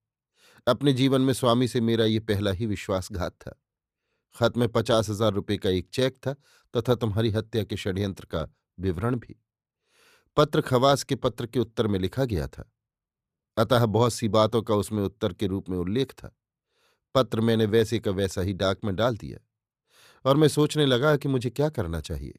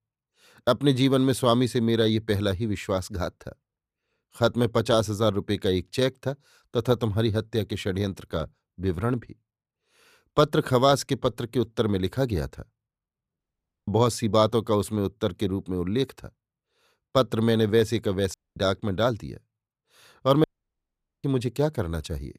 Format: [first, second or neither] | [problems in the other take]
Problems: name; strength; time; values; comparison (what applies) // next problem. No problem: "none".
first | audio cutting out; at 13 s, at 18 s and at 20 s for 1 s